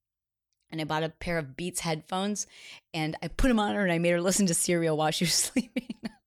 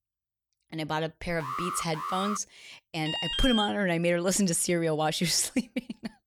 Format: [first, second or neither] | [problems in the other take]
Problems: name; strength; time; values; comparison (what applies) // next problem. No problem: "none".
first | alarm; noticeable; at 1.5 s; peak 4 dB below the speech // alarm; loud; at 3 s; peak level with the speech